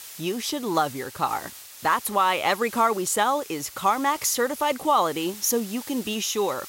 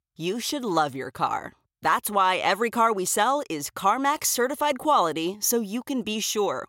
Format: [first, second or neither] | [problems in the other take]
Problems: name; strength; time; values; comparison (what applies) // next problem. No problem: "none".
second | hiss; noticeable; throughout; 15 dB below the speech